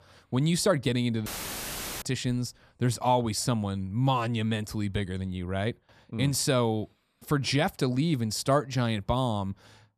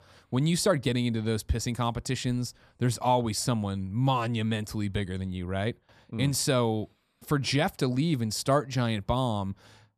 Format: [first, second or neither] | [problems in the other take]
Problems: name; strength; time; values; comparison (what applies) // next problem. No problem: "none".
second | audio cutting out; filled with static; at 1.5 s for 1 s